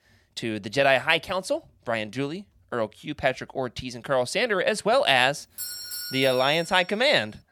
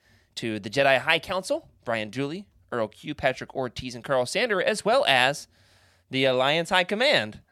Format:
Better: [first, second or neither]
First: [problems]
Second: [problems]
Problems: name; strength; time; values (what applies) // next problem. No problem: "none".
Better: second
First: doorbell; noticeable; from 5.5 to 7 s; peak 7 dB below the speech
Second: none